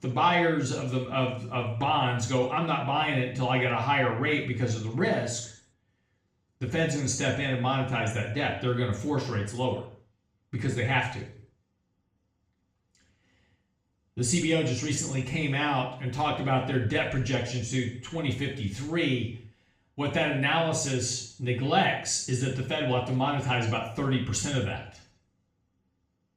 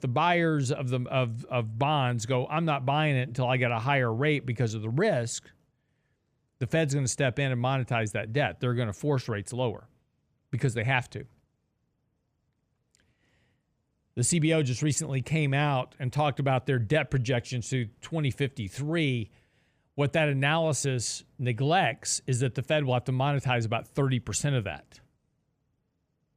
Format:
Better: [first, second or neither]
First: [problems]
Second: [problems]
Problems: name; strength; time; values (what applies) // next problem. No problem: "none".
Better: second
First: room echo; noticeable; dies away in 0.5 s // off-mic speech; far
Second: none